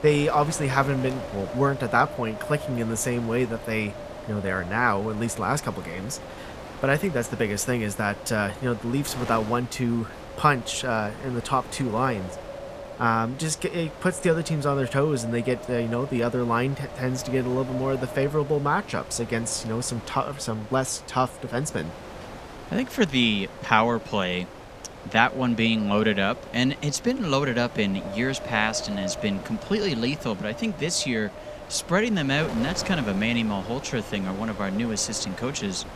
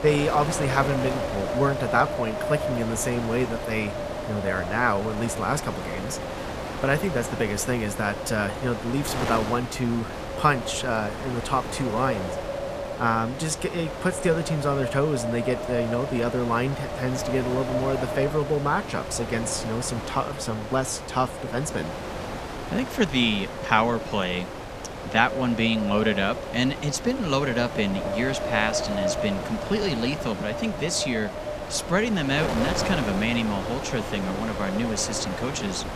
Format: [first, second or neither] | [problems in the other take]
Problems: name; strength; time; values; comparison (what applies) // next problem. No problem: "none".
first | wind noise on the microphone; heavy; 4 dB below the speech; occasional gusts in the first